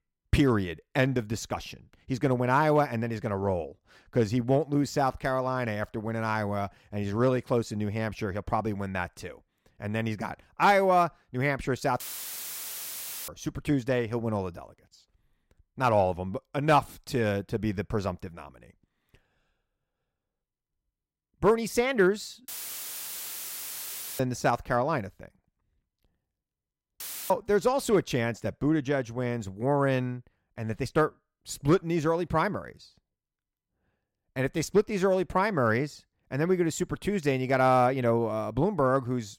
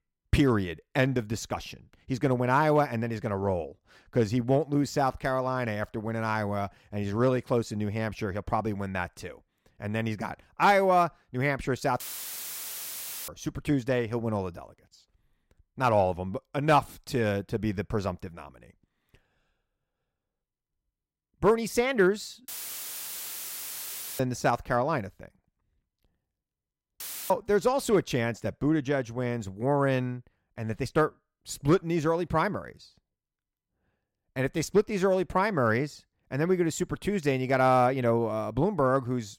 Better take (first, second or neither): neither